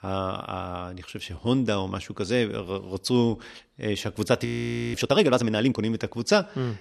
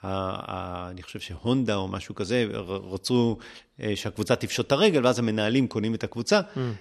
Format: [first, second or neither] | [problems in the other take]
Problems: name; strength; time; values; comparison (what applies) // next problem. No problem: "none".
second | audio freezing; at 4.5 s